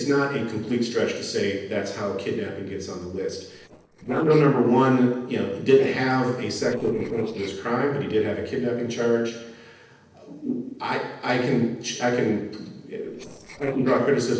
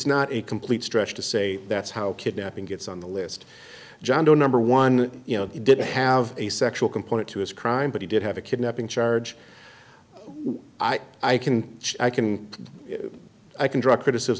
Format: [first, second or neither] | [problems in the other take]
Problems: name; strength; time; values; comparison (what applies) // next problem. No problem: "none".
second | noise reduction (neural separator model SepFormer DNS4)